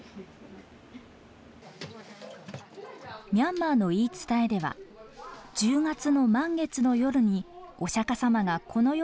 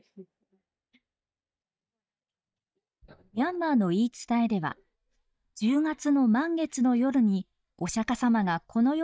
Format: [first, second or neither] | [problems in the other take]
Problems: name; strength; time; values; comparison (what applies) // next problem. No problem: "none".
first | noise reduction (neural mask model DeepFilterNet 3)